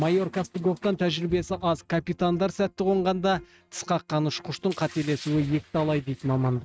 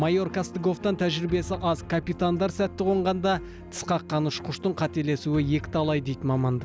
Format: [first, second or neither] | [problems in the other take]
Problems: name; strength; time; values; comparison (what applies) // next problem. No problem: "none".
second | noise reduction (neural mask model RNNoise)